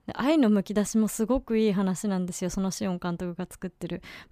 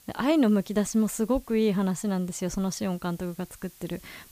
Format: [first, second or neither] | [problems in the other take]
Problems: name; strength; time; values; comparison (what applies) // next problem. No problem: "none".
first | hiss; faint; throughout; 25 dB below the speech